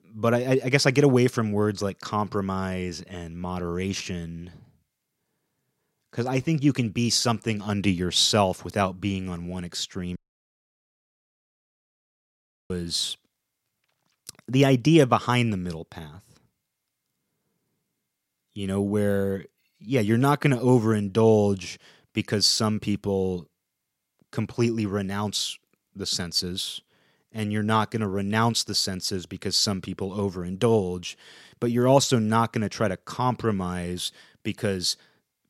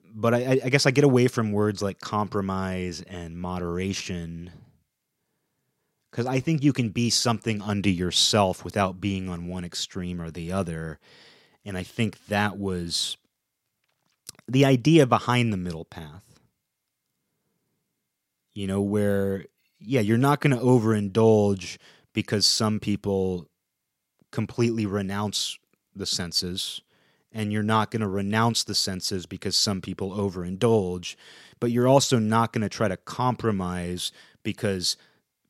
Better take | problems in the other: second | audio cutting out; at 10 s for 2.5 s

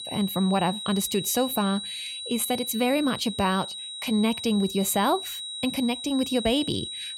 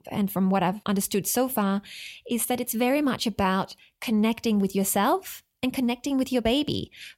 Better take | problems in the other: second | high-pitched whine; loud; throughout; 4 kHz, 7 dB below the speech

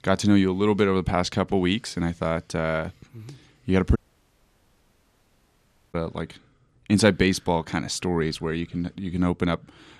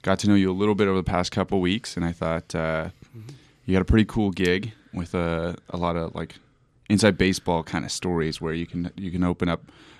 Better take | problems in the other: second | audio cutting out; at 4 s for 2 s

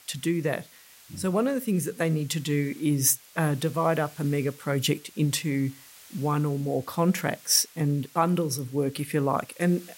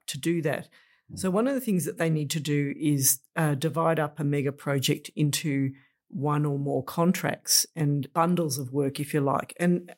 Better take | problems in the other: second | hiss; faint; throughout; 25 dB below the speech

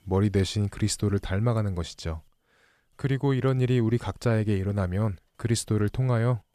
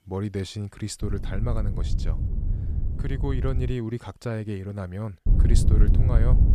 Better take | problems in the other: first | wind noise on the microphone; heavy; from 1 to 3.5 s and from 5.5 s on; 5 dB below the speech

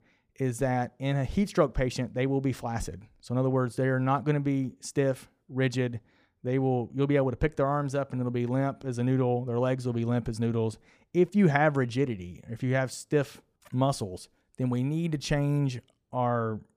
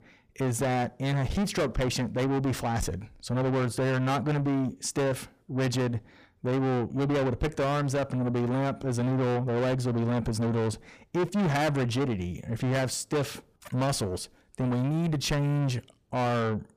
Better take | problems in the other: first | distortion; heavy; 6 dB below the speech

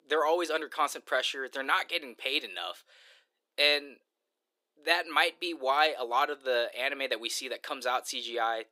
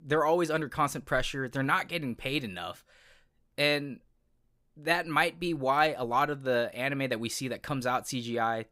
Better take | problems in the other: second | thin; somewhat; fading below 350 Hz

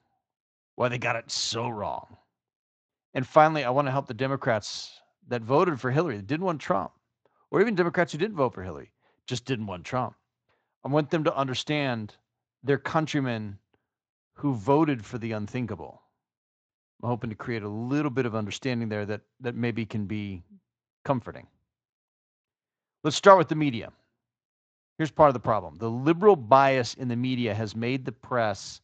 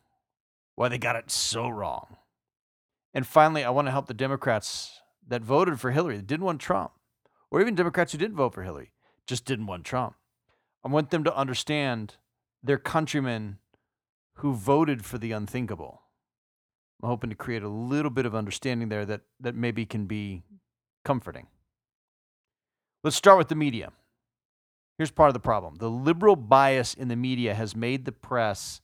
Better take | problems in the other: second | garbled, watery; slightly; nothing above 7.5 kHz

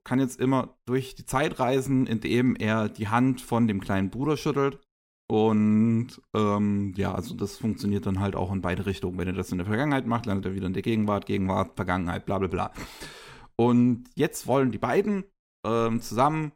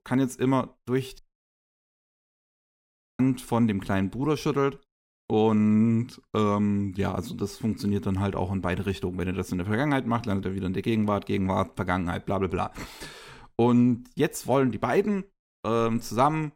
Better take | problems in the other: first | audio cutting out; at 1 s for 2 s

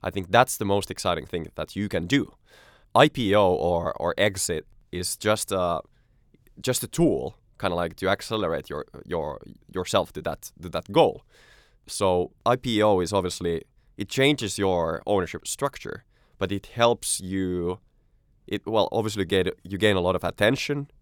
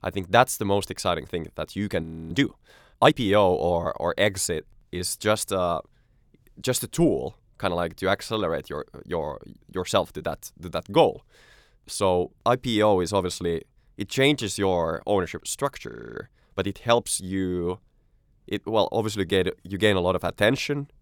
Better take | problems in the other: first | audio freezing; at 2 s and at 16 s

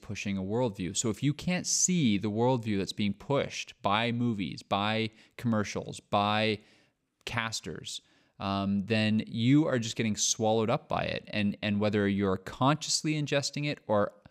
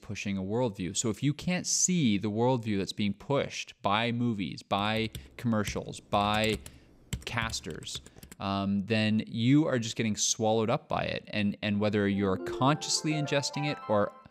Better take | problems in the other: first | keyboard typing; faint; from 5 to 8.5 s; peak 10 dB below the speech // phone ringing; noticeable; from 12 s on; peak 9 dB below the speech

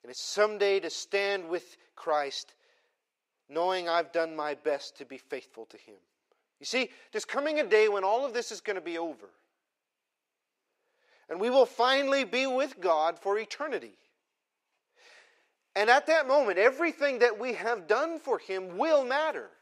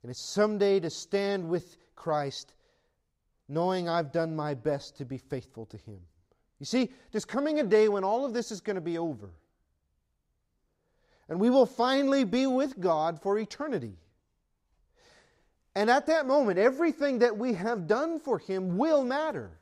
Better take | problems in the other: second | thin; somewhat; fading below 400 Hz

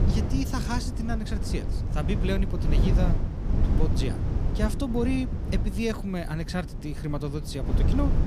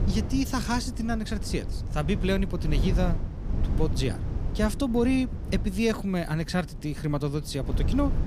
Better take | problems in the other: second | wind noise on the microphone; heavy; 5 dB below the speech; occasional gusts in the second

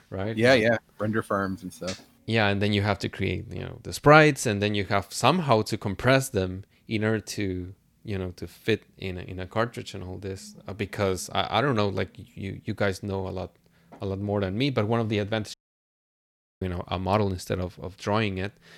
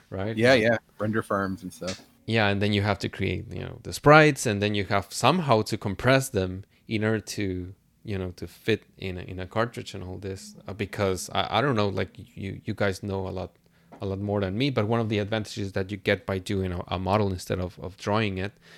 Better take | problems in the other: second | audio cutting out; at 16 s for 1 s

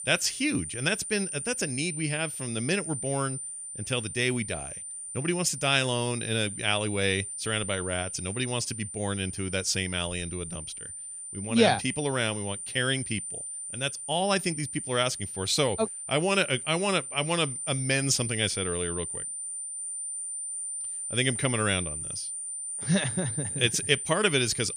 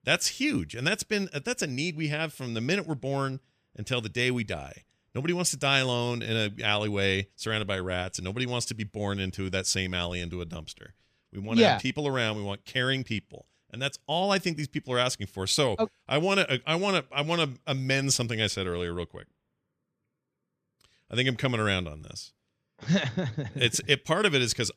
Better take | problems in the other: second | high-pitched whine; loud; throughout; 9 kHz, 6 dB below the speech

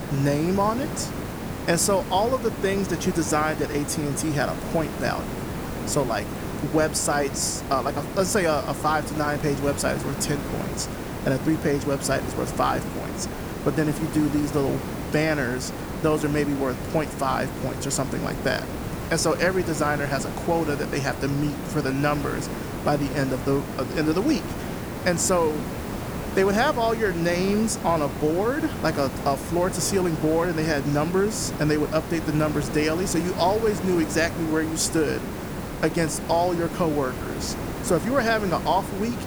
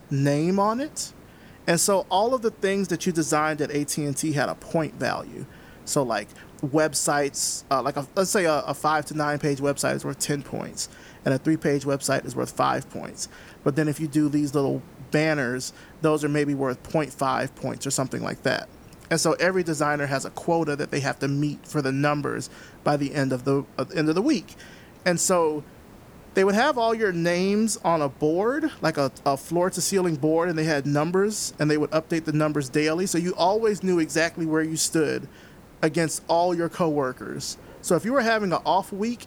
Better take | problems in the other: second | hiss; loud; throughout; 7 dB below the speech; faint in the second

